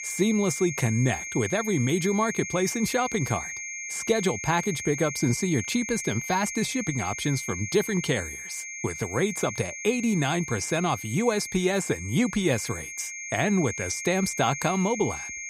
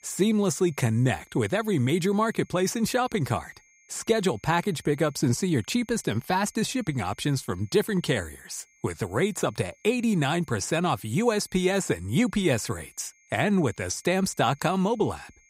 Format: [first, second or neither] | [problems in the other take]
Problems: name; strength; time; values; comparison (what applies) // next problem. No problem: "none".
second | high-pitched whine; loud; throughout; 2 kHz, 7 dB below the speech; faint in the second